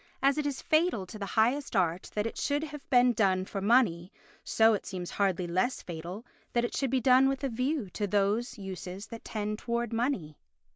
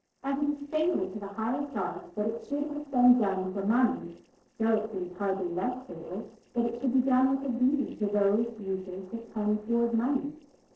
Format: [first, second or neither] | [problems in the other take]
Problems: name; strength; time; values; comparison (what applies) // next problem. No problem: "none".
first | noise reduction (neural separator model SepFormer DNS4)